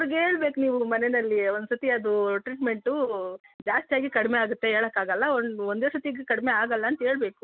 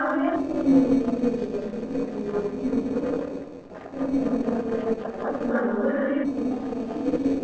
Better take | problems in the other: first | noise reduction (neural separator model SepFormer DNS4)

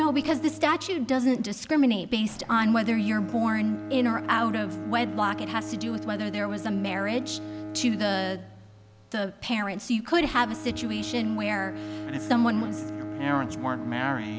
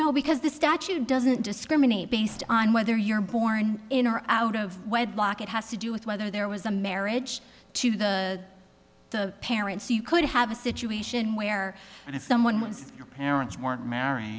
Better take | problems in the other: second | background sound (Bowed string instrument); 10 dB below the speech

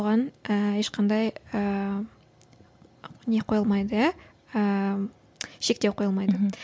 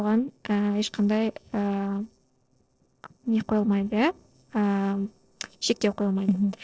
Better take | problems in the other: first | noise reduction (neural separator model SepFormer DNS4)

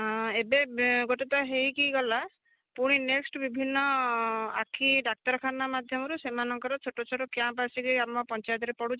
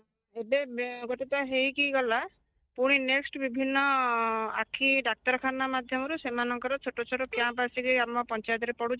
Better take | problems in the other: first | noise reduction (neural mask model DeepFilterNet 3)

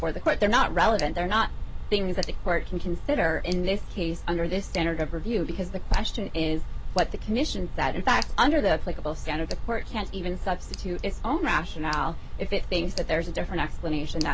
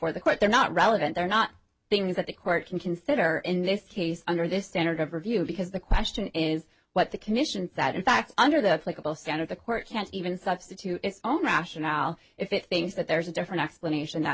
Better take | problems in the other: second | background sound (Tick); 3 dB below the speech

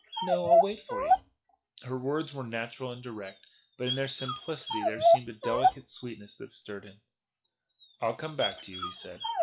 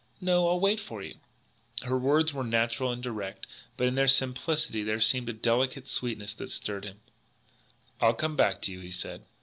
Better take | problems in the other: second | noise reduction (classical method WPE with log-MMSE)

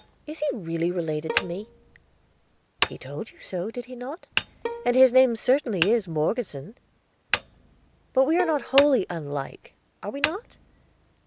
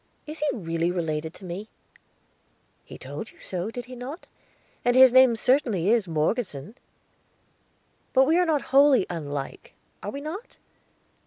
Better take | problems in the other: second | background sound (Bowed string instrument + Hammer); 9 dB below the speech

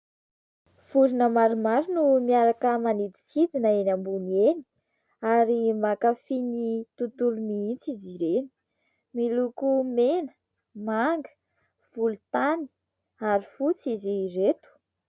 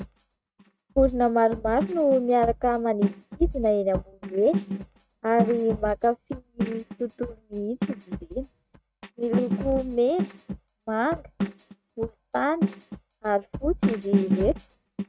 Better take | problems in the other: first | noise reduction (neural mask model RNNoise)

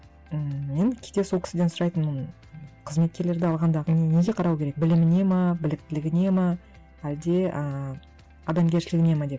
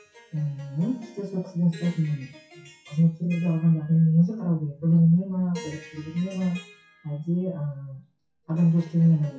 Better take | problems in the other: first | noise reduction (classical method WPE with log-MMSE)

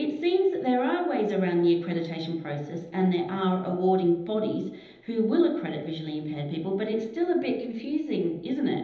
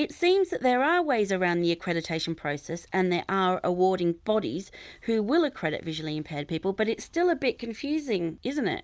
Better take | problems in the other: second | room echo; dies away in 0.9 s

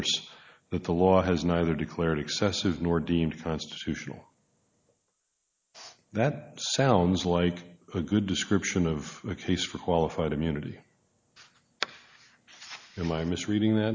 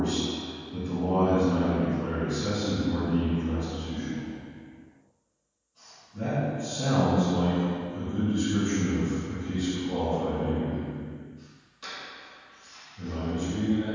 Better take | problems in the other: first | room echo; dies away in 2.1 s

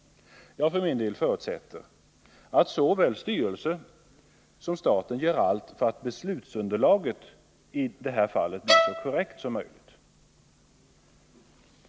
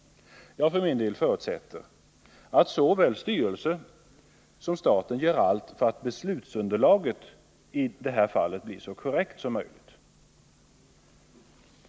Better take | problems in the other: second | background sound (Bowed string instrument); 1 dB above the speech

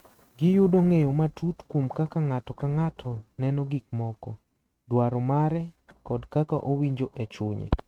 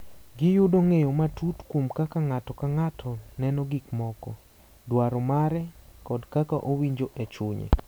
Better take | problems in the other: second | noise reduction (neural mask model RNNoise)

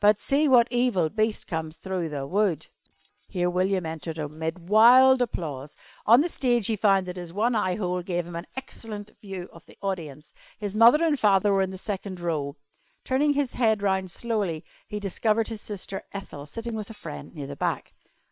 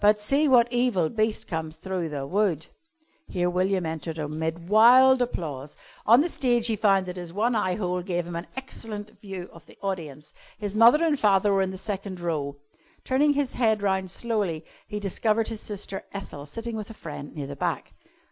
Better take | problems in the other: second | noise reduction (neural separator model SepFormer WHAM!)

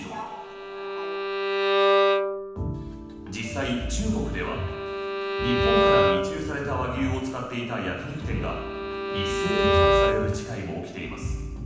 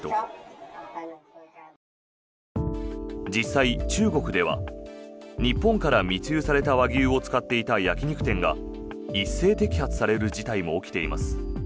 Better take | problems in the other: second | background sound (Bowed string instrument); 3 dB above the speech // room echo; dies away in 1.1 s

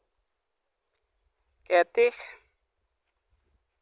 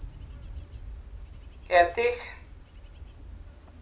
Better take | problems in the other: first | background sound (Wind / Bird / Insect); 12 dB below the speech // room echo; dies away in 0.3 s

